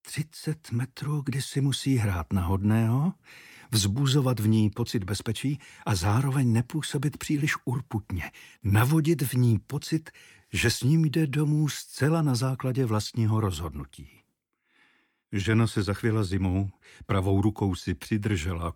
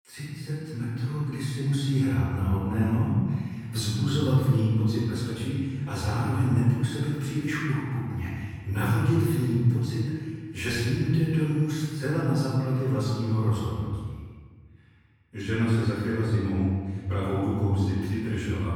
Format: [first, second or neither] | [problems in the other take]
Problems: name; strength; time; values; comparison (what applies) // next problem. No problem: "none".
first | off-mic speech; far // room echo; strong; dies away in 1.7 s